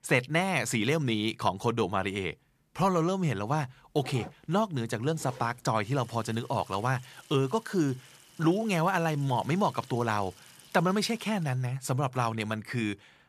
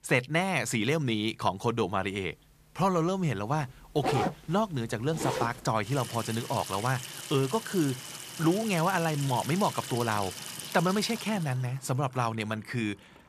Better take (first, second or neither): first